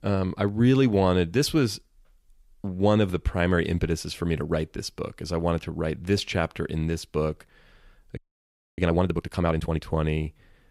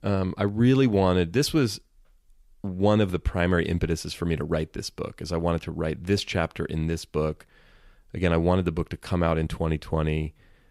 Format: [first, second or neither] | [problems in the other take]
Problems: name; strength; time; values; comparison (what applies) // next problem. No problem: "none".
second | audio freezing; at 8 s for 0.5 s